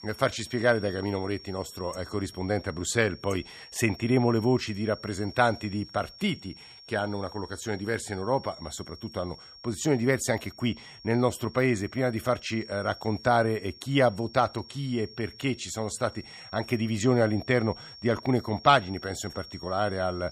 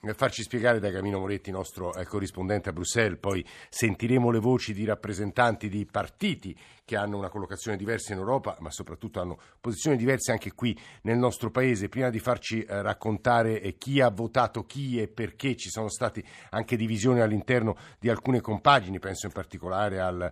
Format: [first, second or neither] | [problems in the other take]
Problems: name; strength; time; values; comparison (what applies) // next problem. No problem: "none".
second | high-pitched whine; noticeable; throughout; 5.5 kHz, 15 dB below the speech